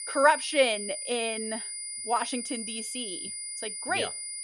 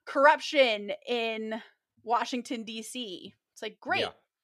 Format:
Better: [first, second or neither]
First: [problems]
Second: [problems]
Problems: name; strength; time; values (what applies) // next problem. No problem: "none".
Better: second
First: high-pitched whine; loud; throughout; 9.5 kHz, 5 dB below the speech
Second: none